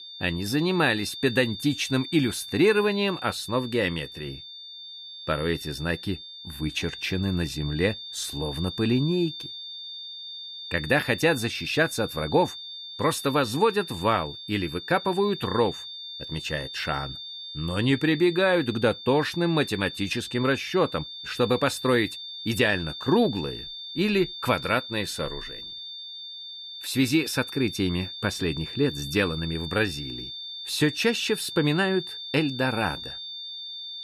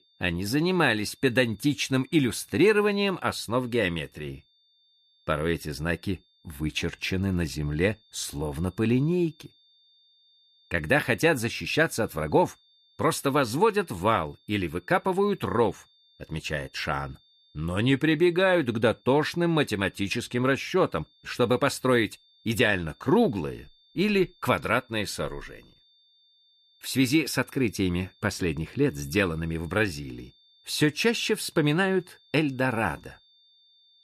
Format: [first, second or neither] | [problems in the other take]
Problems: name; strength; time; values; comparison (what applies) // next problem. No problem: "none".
second | high-pitched whine; loud; throughout; 3.5 kHz, 10 dB below the speech; faint in the second